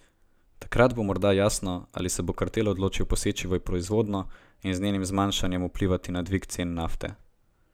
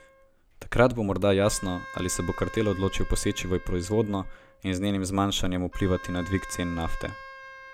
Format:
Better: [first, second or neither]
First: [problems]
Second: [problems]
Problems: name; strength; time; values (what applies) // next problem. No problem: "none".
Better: first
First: none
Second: background sound (Wind instrument, woodwind instrument); 17 dB below the speech